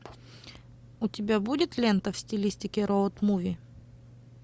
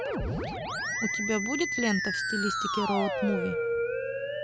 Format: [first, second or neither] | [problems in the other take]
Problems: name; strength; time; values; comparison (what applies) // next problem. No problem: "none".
first | background sound (Musical instrument); 2 dB above the speech